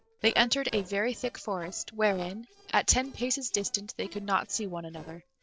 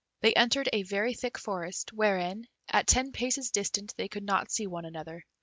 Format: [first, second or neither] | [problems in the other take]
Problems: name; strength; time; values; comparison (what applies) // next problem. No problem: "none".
second | noise reduction (neural separator model SepFormer DNS4)